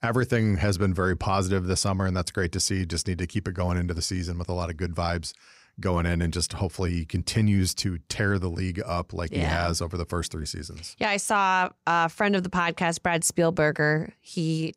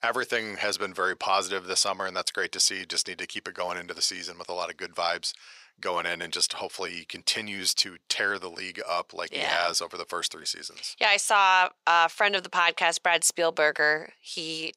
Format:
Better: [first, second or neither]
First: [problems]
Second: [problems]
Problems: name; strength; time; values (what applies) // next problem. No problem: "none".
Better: first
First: none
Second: thin; very; fading below 650 Hz